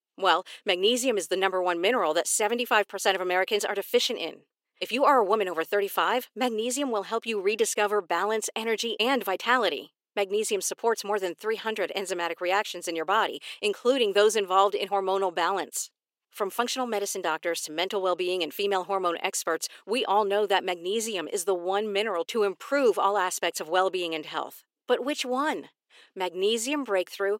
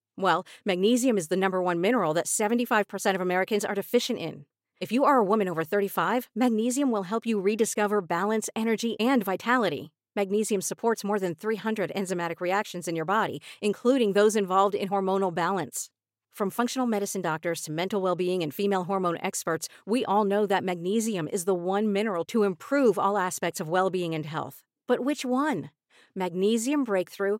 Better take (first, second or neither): second